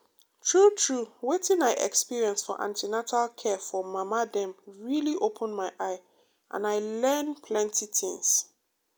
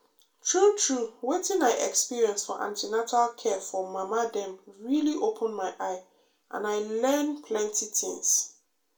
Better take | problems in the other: first | room echo; dies away in 0.3 s

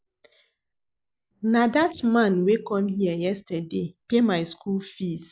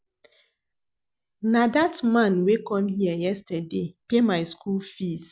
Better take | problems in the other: second | noise reduction (neural mask model Resemble Enhance denoiser)

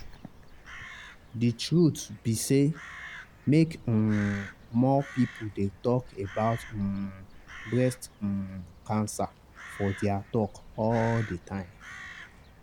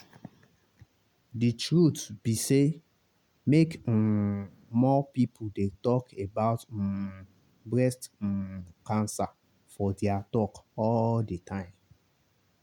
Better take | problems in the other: second | background sound (Crow); 16 dB below the speech

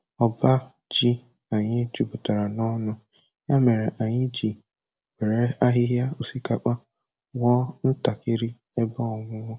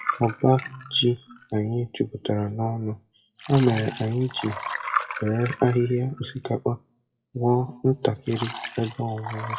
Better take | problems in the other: first | noise reduction (classical method WPE with log-MMSE)

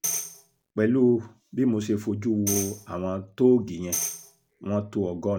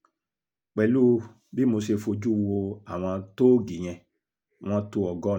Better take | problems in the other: second | background sound (Tambourine); 9 dB below the speech

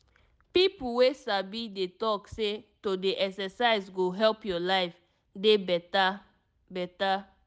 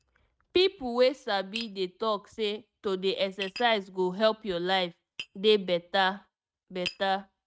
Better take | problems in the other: first | noise reduction (neural mask model RNNoise)

